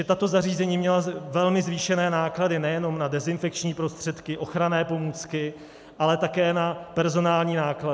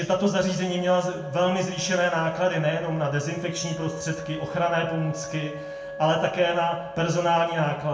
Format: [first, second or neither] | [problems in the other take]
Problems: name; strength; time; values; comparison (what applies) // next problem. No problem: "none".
first | background sound (Wind instrument, woodwind instrument); 13 dB below the speech // room echo; dies away in 0.6 s